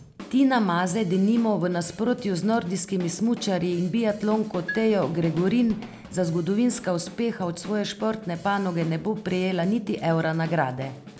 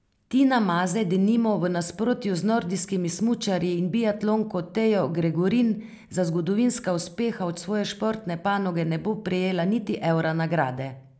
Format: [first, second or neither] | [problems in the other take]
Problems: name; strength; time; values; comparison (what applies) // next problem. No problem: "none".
second | background sound (Marimba, xylophone + Drum kit); 18 dB below the speech